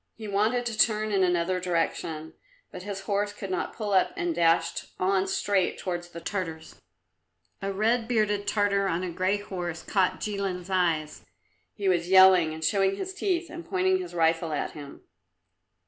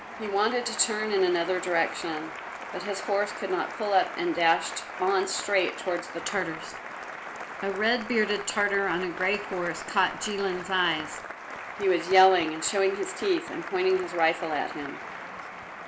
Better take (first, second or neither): first